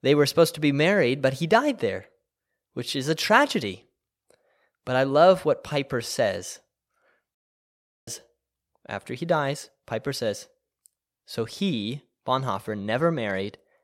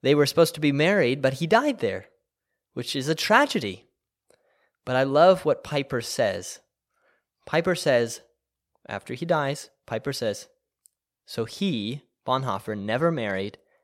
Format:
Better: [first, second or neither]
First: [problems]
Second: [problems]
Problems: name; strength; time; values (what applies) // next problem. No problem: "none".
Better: second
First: audio cutting out; at 7.5 s for 0.5 s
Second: none